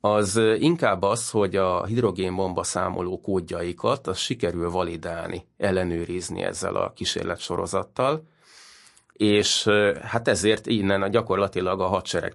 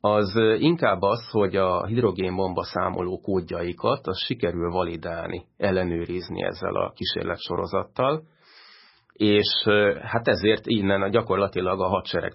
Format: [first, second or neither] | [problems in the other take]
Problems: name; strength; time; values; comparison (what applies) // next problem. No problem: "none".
first | garbled, watery; badly; nothing above 5.5 kHz; slightly in the first